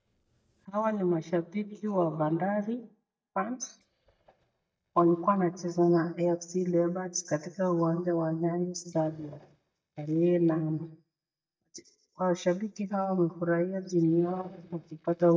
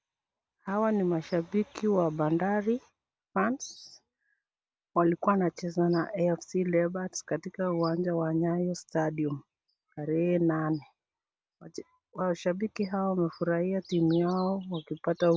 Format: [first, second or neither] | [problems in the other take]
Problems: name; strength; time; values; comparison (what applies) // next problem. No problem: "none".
second | noise reduction (neural mask model DeepFilterNet 3)